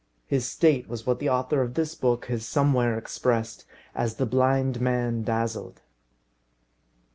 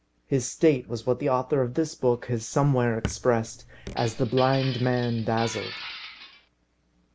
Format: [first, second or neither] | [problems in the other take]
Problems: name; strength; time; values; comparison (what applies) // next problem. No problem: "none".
first | background sound (Glass + Raindrop / Drip); 12 dB below the speech